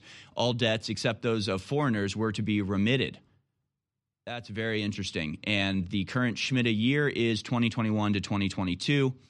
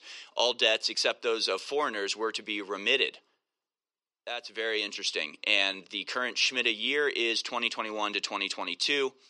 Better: first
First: none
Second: thin; very; fading below 400 Hz

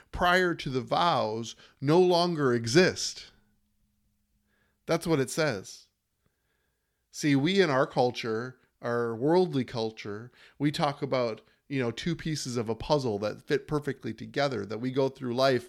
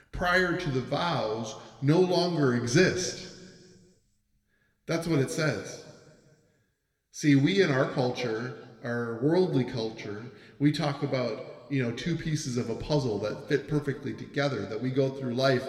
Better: first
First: none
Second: room echo; slight; dies away in 1.5 s

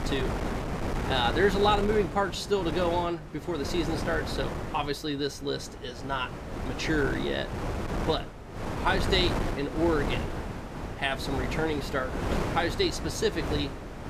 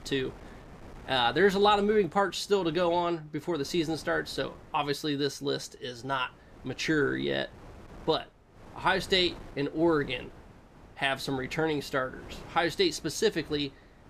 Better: second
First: wind noise on the microphone; heavy; 7 dB below the speech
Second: wind noise on the microphone; occasional gusts; 25 dB below the speech

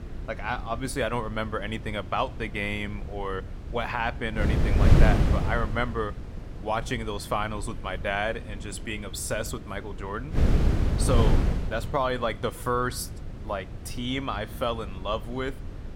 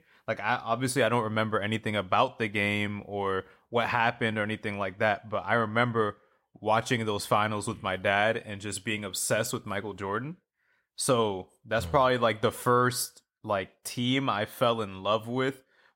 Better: second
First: wind noise on the microphone; heavy; 9 dB below the speech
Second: none

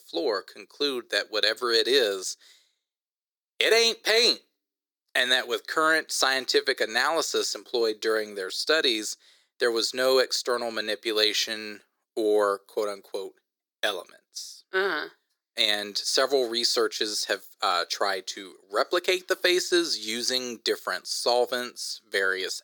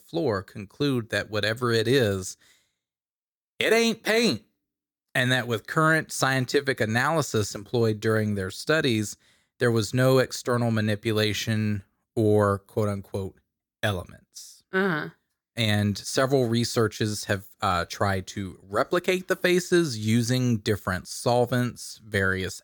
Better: second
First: thin; very; fading below 350 Hz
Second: none

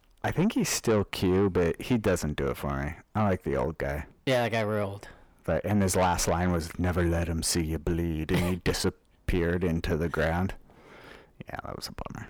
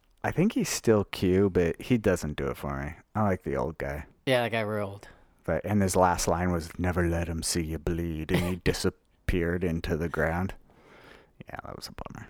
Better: second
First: distortion; slight; 10 dB below the speech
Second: none

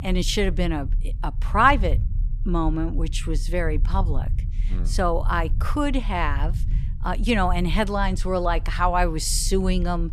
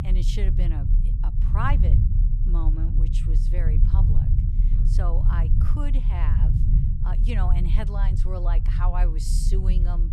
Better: first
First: low rumble; faint; throughout; 25 dB below the speech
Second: low rumble; loud; throughout; 4 dB below the speech

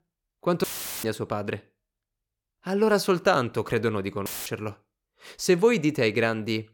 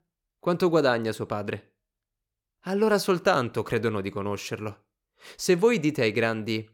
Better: second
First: audio cutting out; filled with static; at 0.5 s and at 4.5 s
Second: none

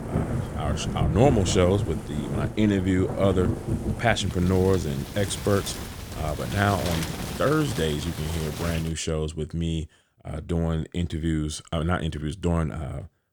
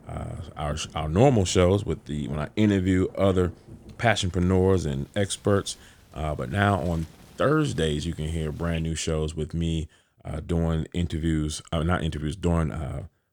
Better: second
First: rain or running water; loud; until 9 s; 6 dB below the speech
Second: rain or running water; faint; until 9 s; 25 dB below the speech

